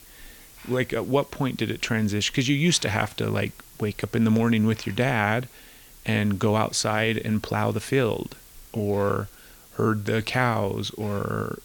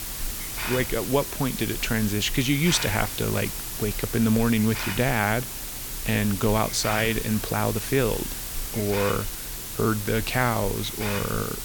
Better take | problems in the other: first | hiss; loud; throughout; 5 dB below the speech; faint in the first

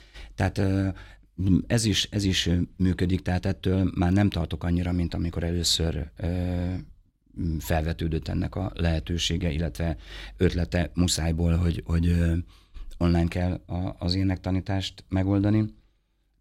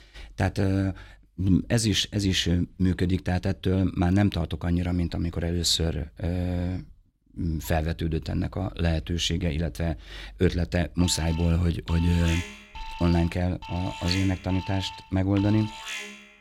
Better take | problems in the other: first | alarm; noticeable; from 11 s on; peak 7 dB below the speech

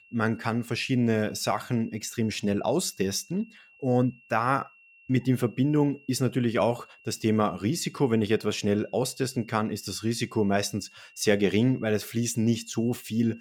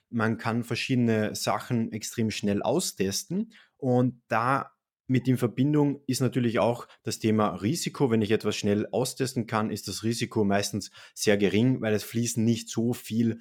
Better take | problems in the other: second | high-pitched whine; faint; throughout; 2.5 kHz, 25 dB below the speech

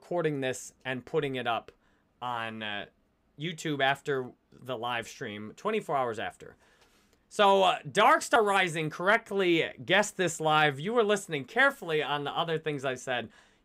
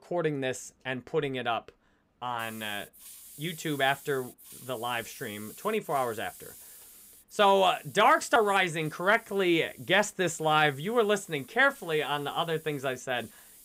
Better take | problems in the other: first | hiss; faint; from 2.5 s on; 20 dB below the speech

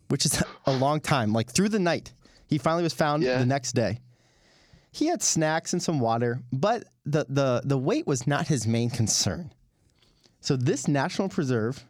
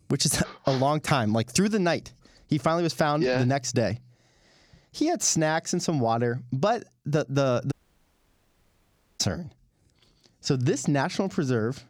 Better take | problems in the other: first | audio cutting out; at 7.5 s for 1.5 s

